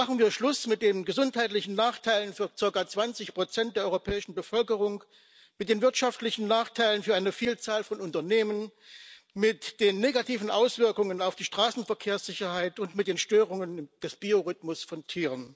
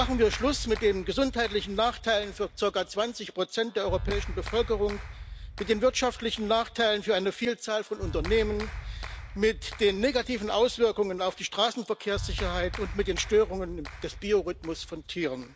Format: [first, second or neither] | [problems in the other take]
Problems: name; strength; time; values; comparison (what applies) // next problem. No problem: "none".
first | background sound (Clapping); 10 dB below the speech